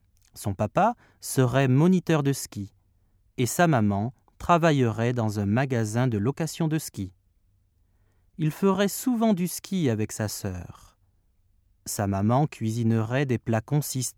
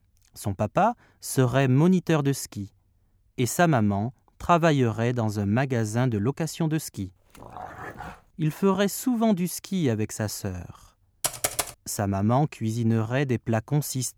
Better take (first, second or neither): first